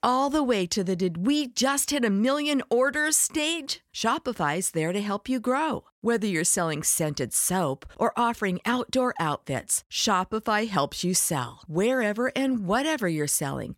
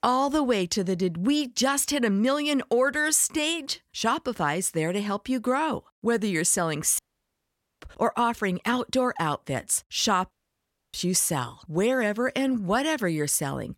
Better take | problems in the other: first | audio cutting out; at 7 s for 1 s and at 10 s for 0.5 s

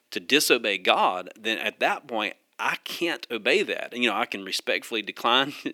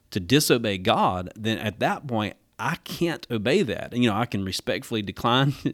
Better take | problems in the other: second | thin; somewhat; fading below 300 Hz

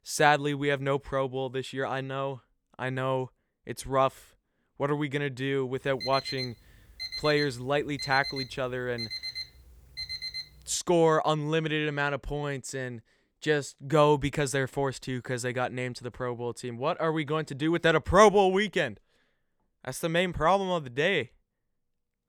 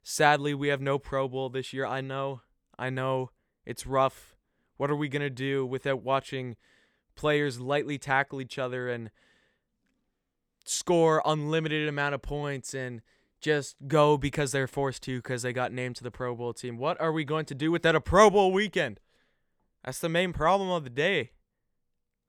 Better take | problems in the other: second | alarm; noticeable; from 6 to 11 s; peak 6 dB below the speech

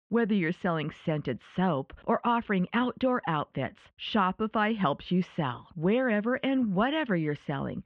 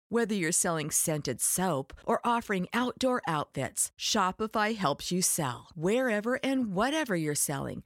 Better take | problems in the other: second | muffled; very; fading above 3 kHz

